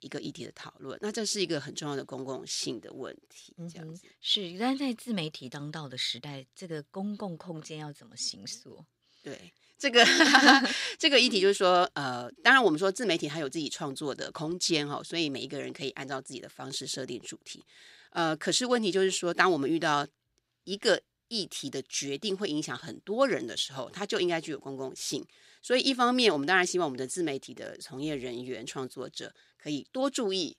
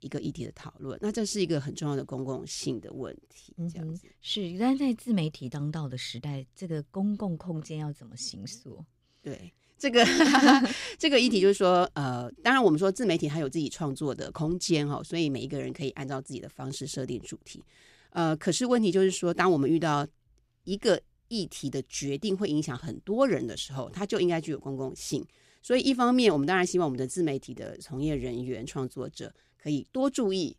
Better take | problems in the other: second | thin; very slightly; fading below 450 Hz

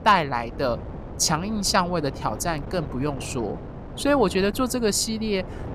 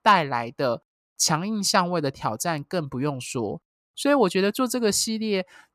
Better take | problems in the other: second | wind noise on the microphone; occasional gusts; 15 dB below the speech

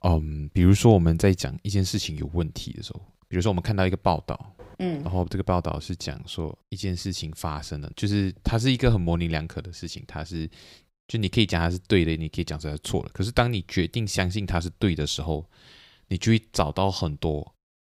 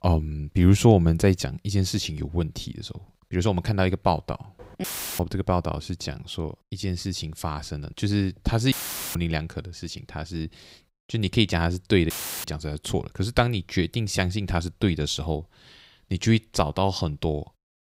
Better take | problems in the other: first | audio cutting out; filled with static; at 5 s, at 8.5 s and at 12 s

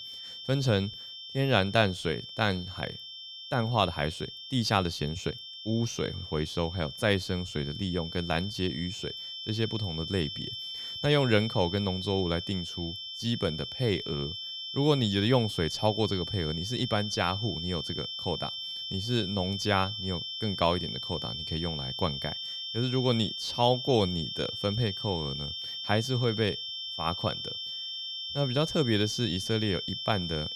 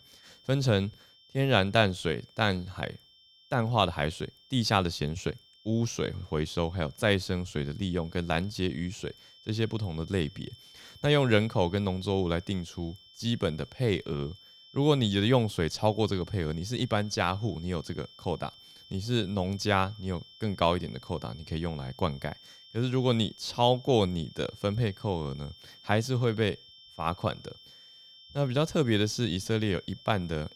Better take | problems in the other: second | high-pitched whine; loud; throughout; 3 kHz, 6 dB below the speech; faint in the second

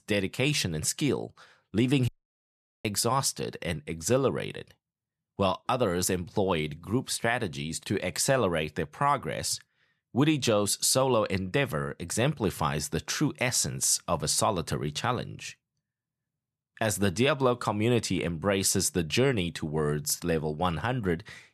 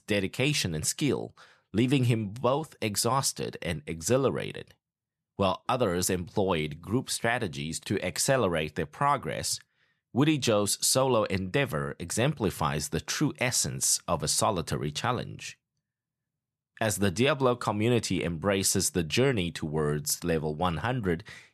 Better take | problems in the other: second | audio cutting out; at 2 s for 1 s

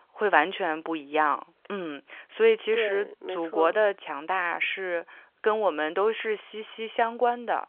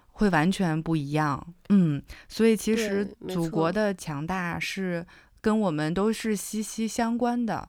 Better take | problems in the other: second | phone-call audio; nothing above 3.5 kHz

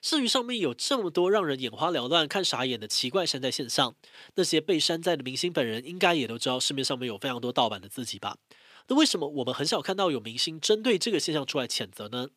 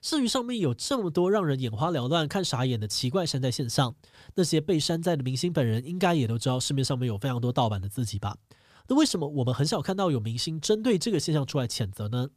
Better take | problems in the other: second | thin; very slightly; fading below 300 Hz

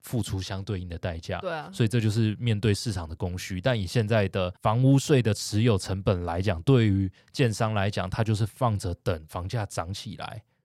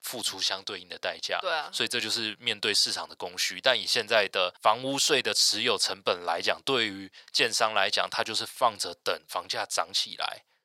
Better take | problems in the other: first | thin; very; fading below 750 Hz

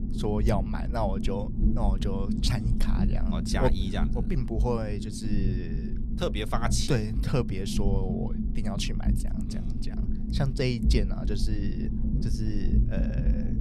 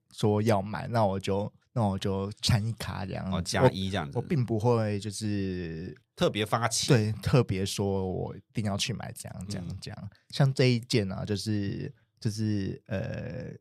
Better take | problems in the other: second | low rumble; loud; throughout; 7 dB below the speech

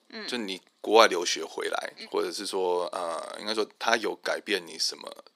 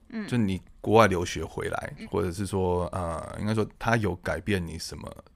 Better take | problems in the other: second | thin; somewhat; fading below 300 Hz

